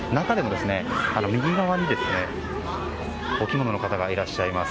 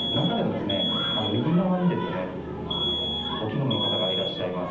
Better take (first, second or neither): first